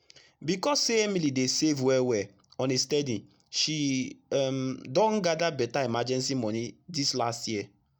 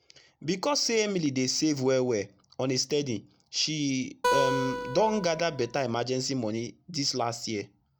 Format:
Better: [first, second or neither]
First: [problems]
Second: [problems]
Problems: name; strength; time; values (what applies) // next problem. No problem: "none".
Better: first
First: none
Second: background sound (Acoustic guitar); 2 dB below the speech